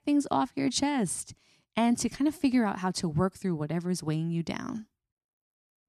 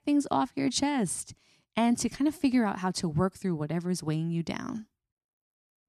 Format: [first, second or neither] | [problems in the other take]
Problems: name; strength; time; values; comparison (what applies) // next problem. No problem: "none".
neither | none